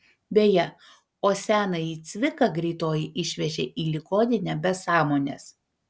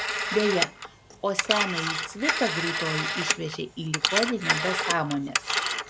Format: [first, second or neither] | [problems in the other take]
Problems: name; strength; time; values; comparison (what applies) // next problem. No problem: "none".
first | background sound (Telephone); 1 dB above the speech